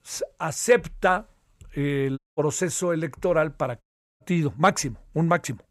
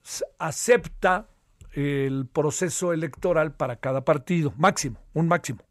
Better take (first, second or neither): second